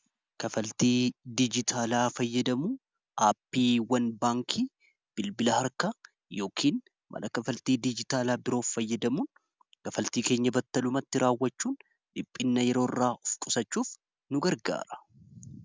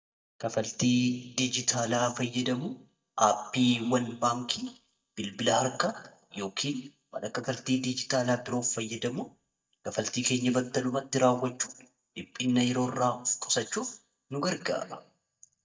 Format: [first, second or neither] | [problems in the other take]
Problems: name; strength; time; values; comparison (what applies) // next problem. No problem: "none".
first | noise reduction (neural mask model DeepFilterNet 3)